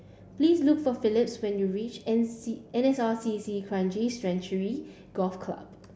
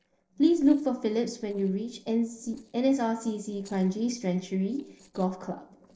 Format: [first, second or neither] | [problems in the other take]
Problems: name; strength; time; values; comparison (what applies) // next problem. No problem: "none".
first | noise reduction (neural separator model SepFormer DNS4)